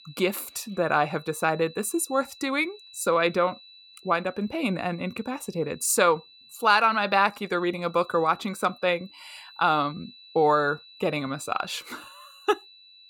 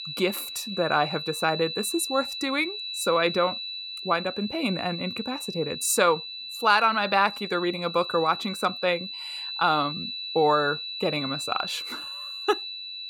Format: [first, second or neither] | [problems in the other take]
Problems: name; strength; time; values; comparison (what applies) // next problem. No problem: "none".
first | high-pitched whine; loud; throughout; 4 kHz, 7 dB below the speech; faint in the first